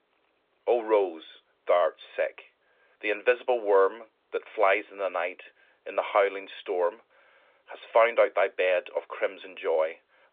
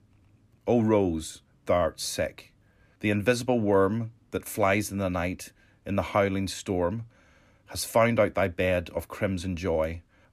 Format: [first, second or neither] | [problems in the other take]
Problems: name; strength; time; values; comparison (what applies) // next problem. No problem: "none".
second | phone-call audio